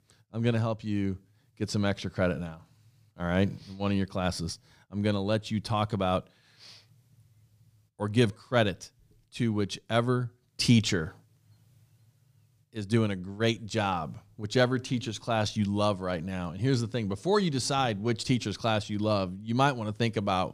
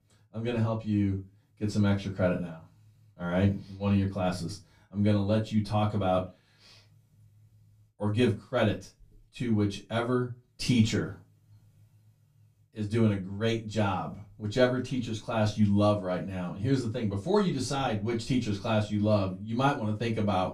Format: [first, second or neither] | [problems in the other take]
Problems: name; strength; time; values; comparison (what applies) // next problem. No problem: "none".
first | off-mic speech; far // room echo; very slight; dies away in 0.2 s